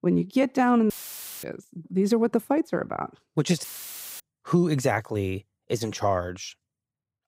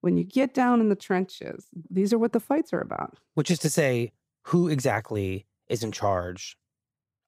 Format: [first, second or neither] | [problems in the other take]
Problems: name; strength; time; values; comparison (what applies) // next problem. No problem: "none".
second | audio cutting out; filled with static; at 1 s for 0.5 s and at 3.5 s for 0.5 s